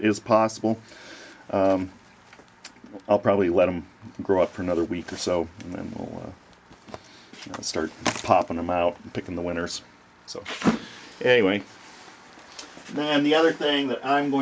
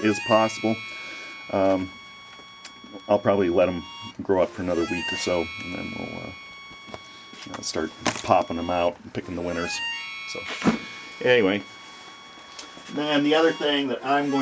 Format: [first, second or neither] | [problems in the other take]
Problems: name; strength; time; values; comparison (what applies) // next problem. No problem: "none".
first | background sound (Harmonica); 13 dB below the speech